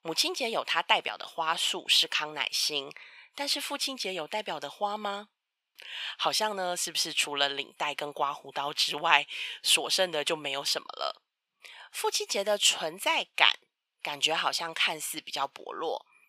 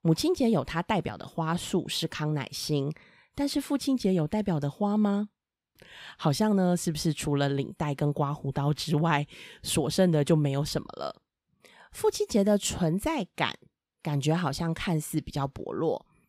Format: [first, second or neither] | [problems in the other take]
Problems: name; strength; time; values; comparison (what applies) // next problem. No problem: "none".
second | thin; very; fading below 850 Hz